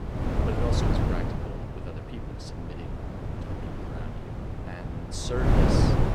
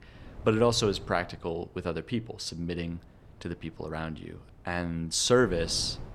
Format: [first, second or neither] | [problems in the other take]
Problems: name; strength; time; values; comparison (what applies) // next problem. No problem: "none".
second | wind noise on the microphone; heavy; 5 dB above the speech; occasional gusts in the second